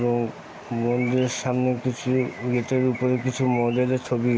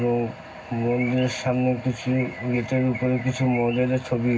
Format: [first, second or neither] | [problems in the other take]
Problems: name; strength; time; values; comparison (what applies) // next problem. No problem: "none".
first | room echo; dies away in 0.4 s